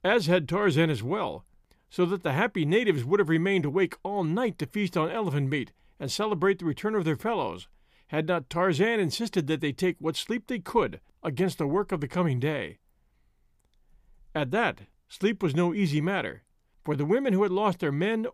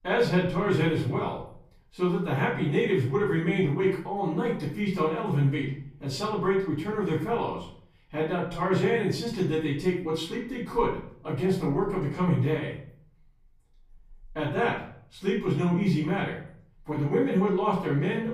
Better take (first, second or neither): first